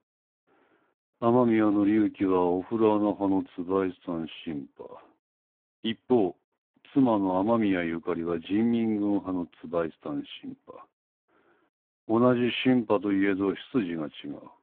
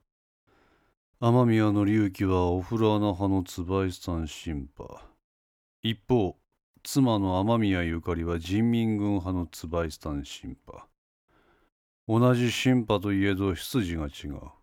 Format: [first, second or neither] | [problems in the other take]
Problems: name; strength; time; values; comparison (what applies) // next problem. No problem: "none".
second | phone-call audio; poor line